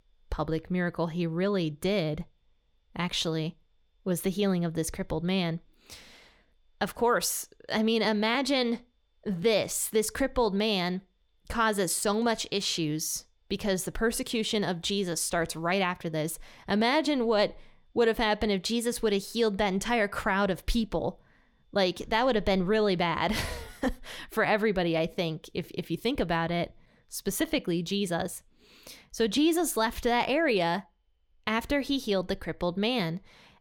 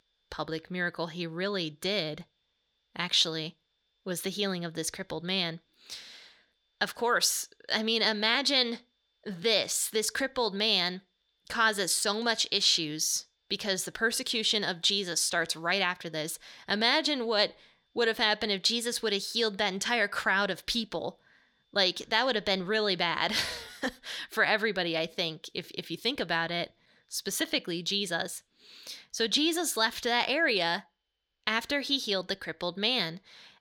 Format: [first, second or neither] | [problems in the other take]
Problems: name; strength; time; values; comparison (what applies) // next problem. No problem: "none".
first | thin; very slightly; fading below 500 Hz